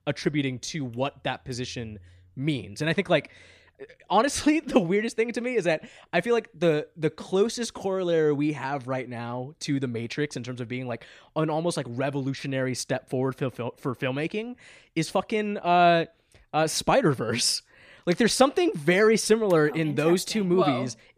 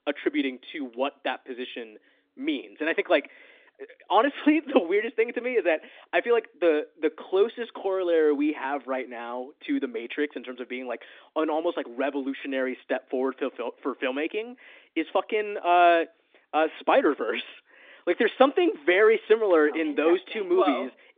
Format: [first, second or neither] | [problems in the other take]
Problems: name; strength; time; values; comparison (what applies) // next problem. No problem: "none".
first | phone-call audio